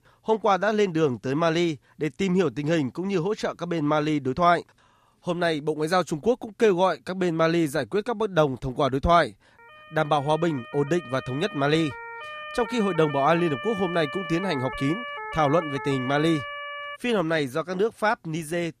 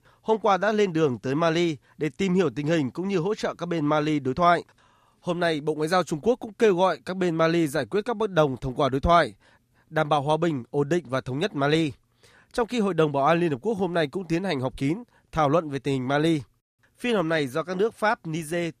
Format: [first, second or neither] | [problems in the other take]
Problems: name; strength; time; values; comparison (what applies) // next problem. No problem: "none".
second | siren; noticeable; from 9.5 to 17 s; peak 8 dB below the speech